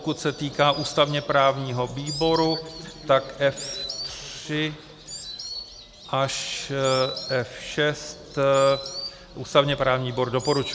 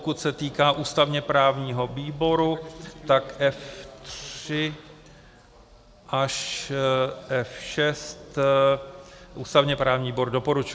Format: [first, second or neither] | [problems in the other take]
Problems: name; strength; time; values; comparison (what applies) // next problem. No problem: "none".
second | background sound (Insect); 13 dB below the speech